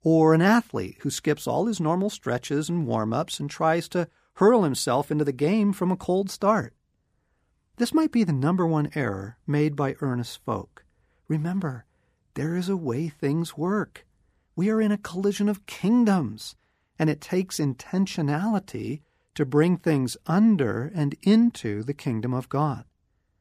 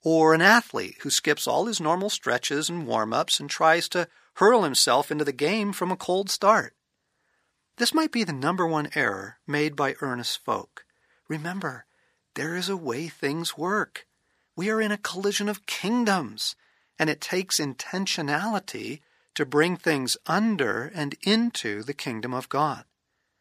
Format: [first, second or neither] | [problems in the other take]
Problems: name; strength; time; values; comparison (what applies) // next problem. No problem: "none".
first | thin; somewhat; fading below 800 Hz